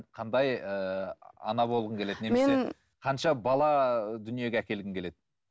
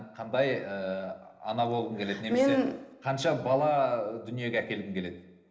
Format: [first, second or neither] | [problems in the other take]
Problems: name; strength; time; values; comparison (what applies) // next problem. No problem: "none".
first | room echo; dies away in 0.8 s